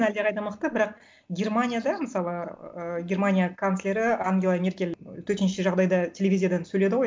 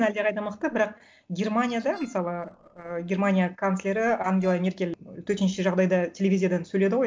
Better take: first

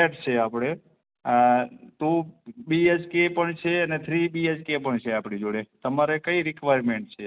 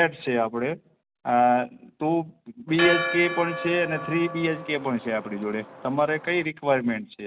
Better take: first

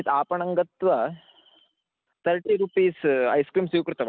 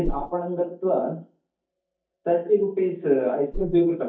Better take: first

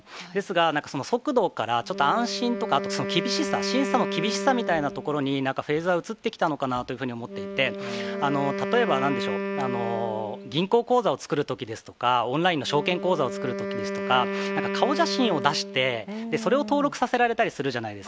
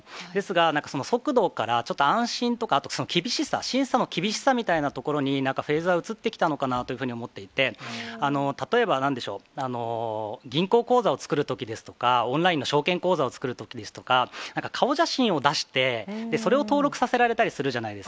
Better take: second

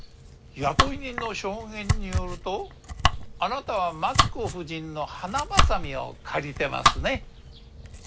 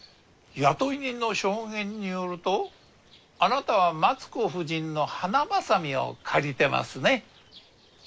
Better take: second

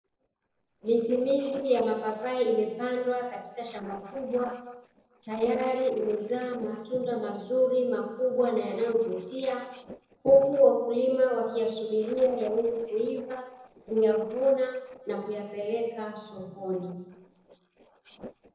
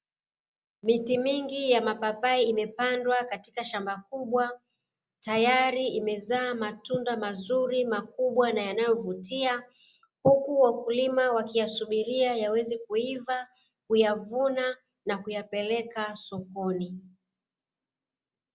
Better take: second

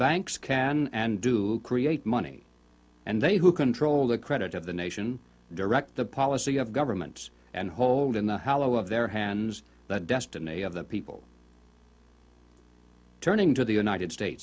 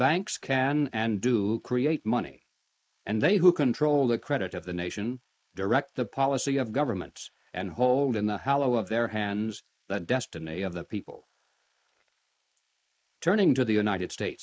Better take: first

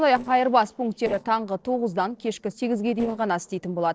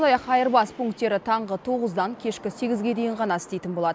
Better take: second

